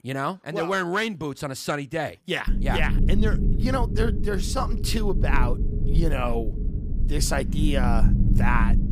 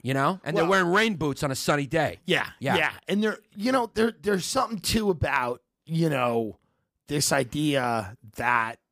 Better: second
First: low rumble; loud; from 2.5 s on; 10 dB below the speech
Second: none

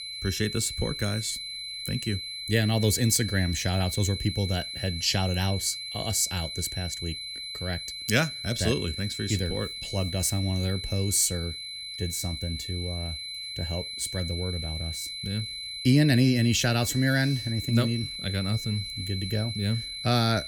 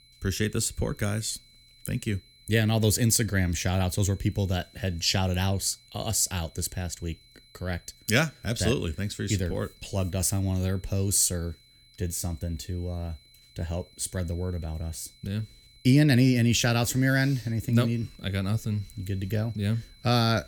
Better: second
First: high-pitched whine; loud; throughout; 4 kHz, 6 dB below the speech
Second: high-pitched whine; faint; throughout; 4 kHz, 30 dB below the speech

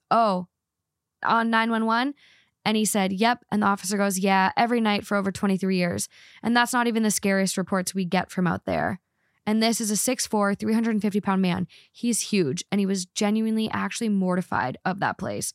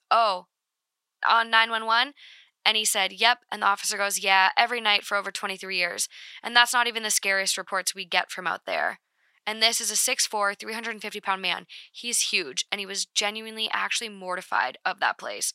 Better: first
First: none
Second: thin; very; fading below 700 Hz

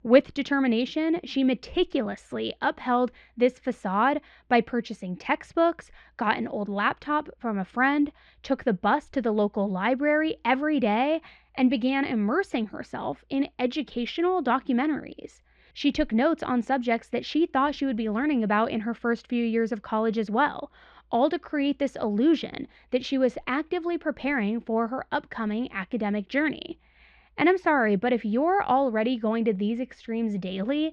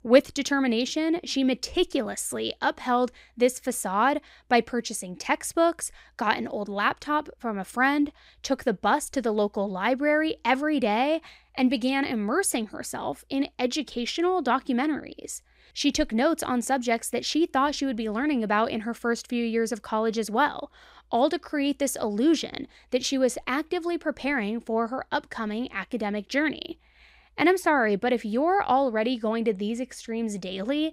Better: second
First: muffled; slightly; fading above 3.5 kHz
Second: none

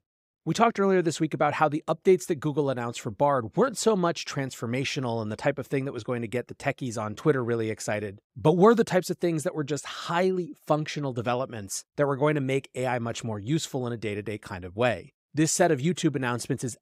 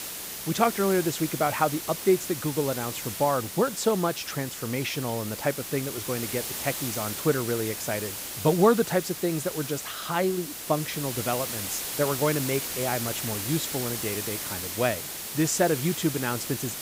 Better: first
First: none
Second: hiss; loud; throughout; 5 dB below the speech

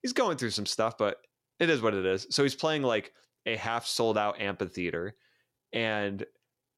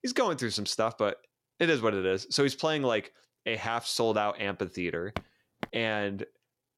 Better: first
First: none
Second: footsteps; faint; at 5 s; peak 10 dB below the speech

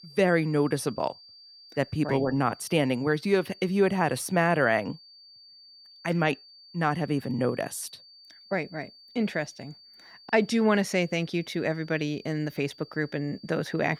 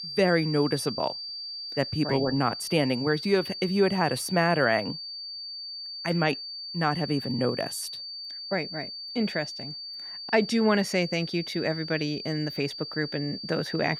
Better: first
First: high-pitched whine; faint; throughout; 4.5 kHz, 20 dB below the speech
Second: high-pitched whine; loud; throughout; 4.5 kHz, 8 dB below the speech

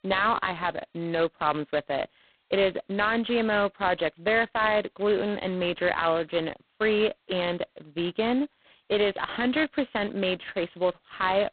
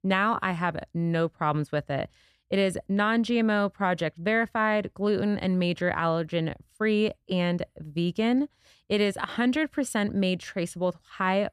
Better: second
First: phone-call audio; poor line; nothing above 4 kHz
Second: none

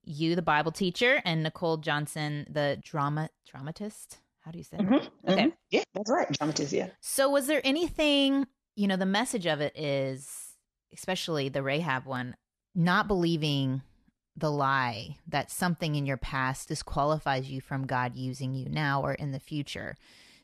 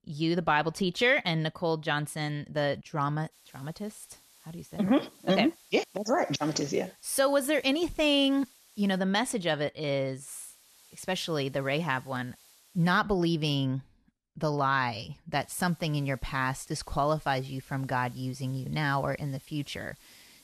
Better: first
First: none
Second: hiss; faint; from 3.5 to 9 s, from 10 to 13 s and from 15 s on; 25 dB below the speech

